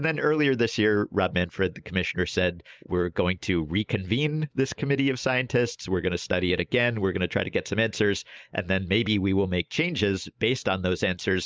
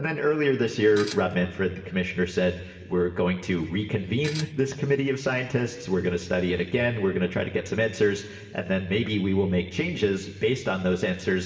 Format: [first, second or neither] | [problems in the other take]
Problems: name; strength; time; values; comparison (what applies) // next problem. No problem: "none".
first | background sound (Tools); 13 dB below the speech // room echo; dies away in 1.8 s